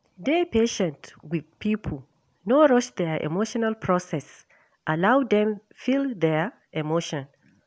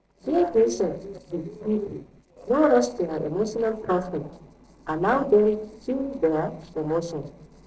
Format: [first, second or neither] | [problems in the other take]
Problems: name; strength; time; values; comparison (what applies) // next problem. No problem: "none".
first | noise reduction (neural separator model SepFormer DNS4)